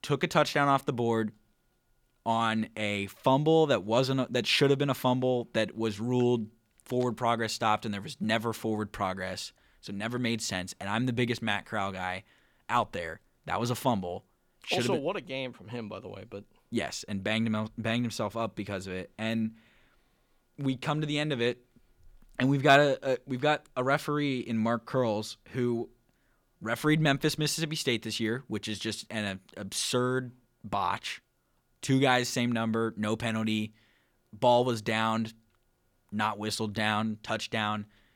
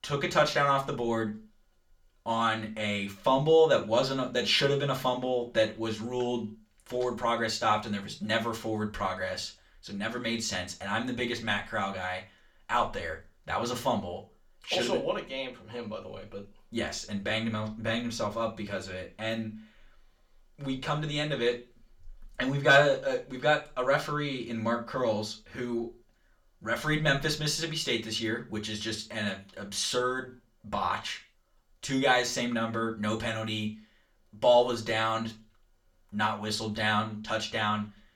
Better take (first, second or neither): first